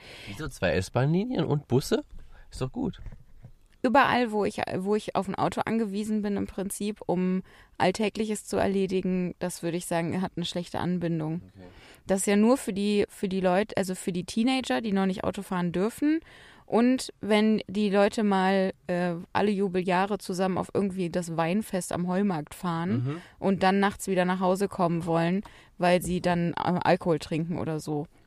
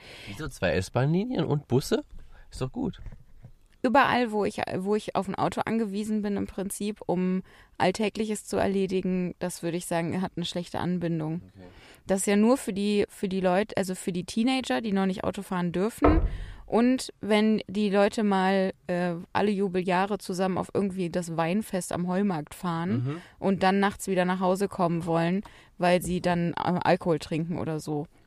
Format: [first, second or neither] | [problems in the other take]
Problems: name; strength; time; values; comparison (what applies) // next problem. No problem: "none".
first | door banging; loud; at 16 s; peak 2 dB above the speech